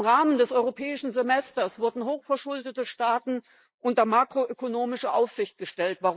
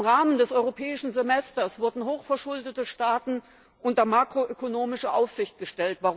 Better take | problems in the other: second | noise reduction (neural mask model Resemble Enhance denoiser)

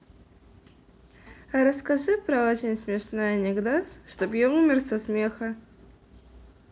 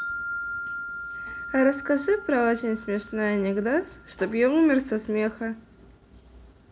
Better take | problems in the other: first | background sound (Wind chime); 12 dB below the speech

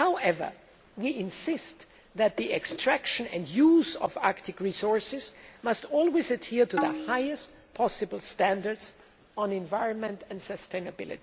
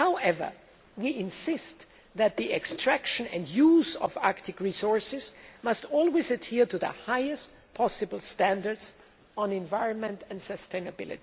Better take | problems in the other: second | background sound (Tabla); 7 dB below the speech

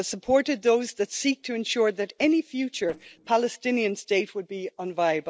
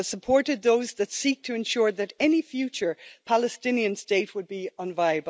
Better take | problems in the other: second | noise reduction (neural separator model SepFormer DNS4)

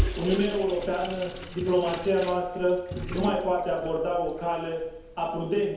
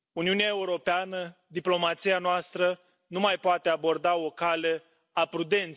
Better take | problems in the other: second | background sound (Sink (filling or washing) / Water tap, faucet); 8 dB below the speech // room echo; dies away in 0.9 s

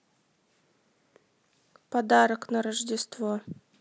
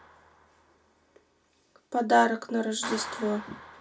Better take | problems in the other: first | background sound (Clapping); 14 dB below the speech // room echo; dies away in 0.2 s

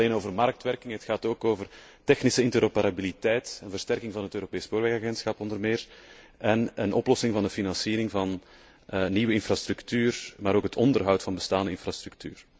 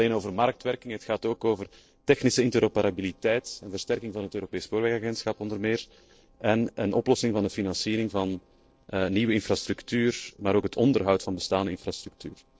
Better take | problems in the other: first | noise reduction (neural separator model SepFormer DNS4)

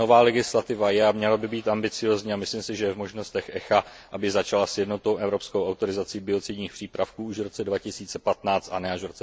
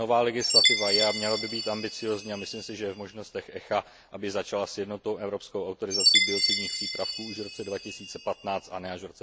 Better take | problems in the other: first | background sound (Chime); 1 dB above the speech

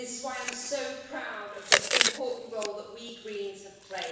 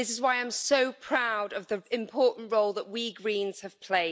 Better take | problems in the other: second | background sound (Chewing, mastication); 4 dB above the speech // room echo; dies away in 1.1 s

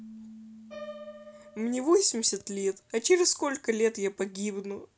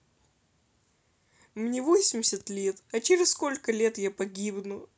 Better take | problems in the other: second | background sound (Piano + Keyboard (musical)); 20 dB below the speech

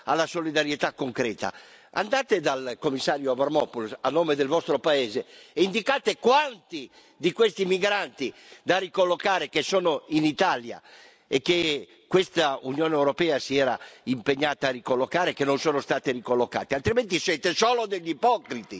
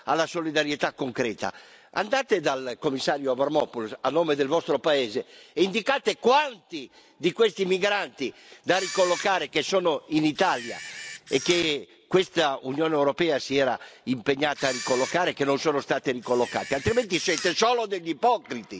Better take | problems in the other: first | background sound (Camera); 13 dB below the speech

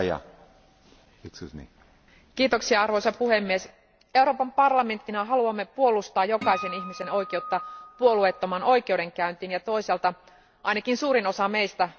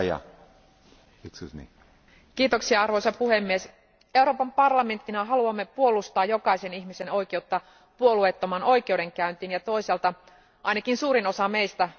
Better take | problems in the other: second | background sound (Acoustic guitar); 11 dB below the speech

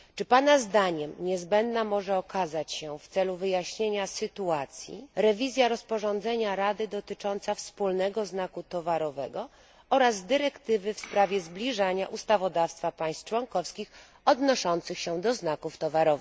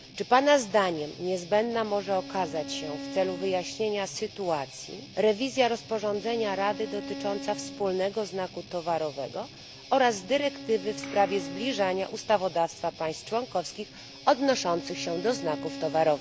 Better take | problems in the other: first | background sound (Guitar + Bowed string instrument); 13 dB below the speech

